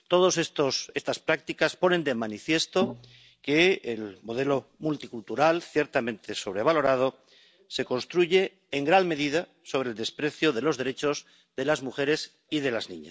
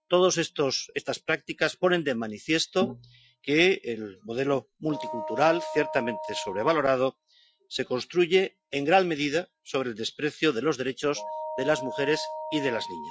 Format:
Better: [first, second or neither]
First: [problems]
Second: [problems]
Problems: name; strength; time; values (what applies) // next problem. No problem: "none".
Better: first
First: none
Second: noise reduction (classical method Wiener filter)